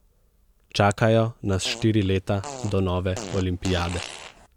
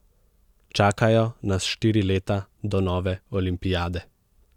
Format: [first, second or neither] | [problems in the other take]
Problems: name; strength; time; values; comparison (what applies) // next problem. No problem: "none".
second | background sound (Fart); 13 dB below the speech